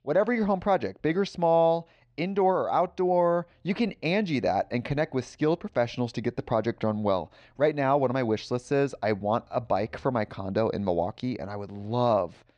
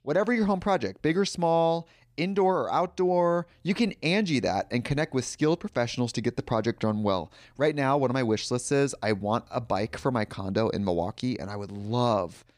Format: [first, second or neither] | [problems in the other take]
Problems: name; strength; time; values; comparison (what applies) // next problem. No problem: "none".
second | muffled; slightly; fading above 4 kHz